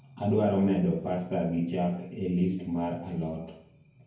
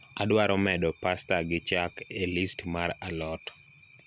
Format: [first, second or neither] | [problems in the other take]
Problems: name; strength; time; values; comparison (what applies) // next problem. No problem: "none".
second | room echo; dies away in 0.9 s